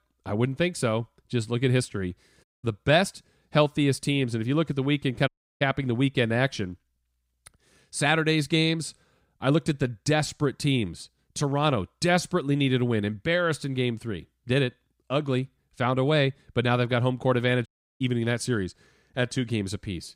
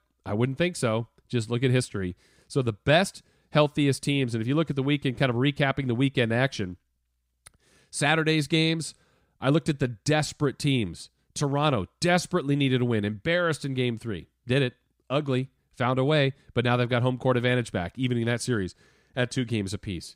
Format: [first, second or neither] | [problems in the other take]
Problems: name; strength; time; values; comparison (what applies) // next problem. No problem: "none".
second | audio cutting out; at 2.5 s, at 5.5 s and at 18 s